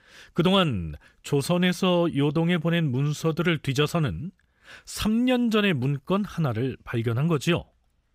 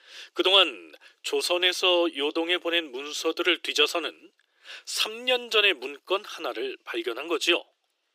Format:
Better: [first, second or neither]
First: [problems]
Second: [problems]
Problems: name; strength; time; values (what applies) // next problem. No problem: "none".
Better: first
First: none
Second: thin; very; fading below 350 Hz